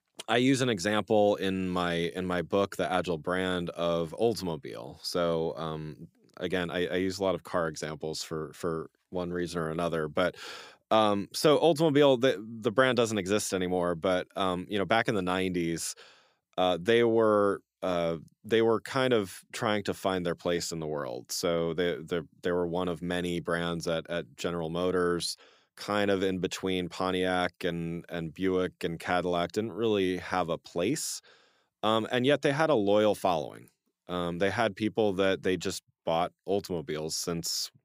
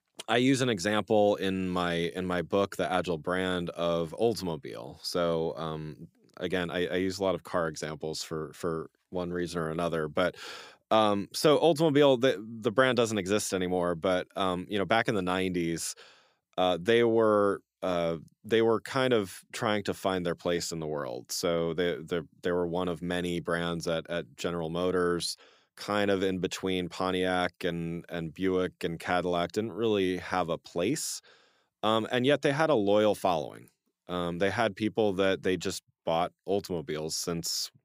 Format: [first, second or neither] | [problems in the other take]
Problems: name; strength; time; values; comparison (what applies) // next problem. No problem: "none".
neither | none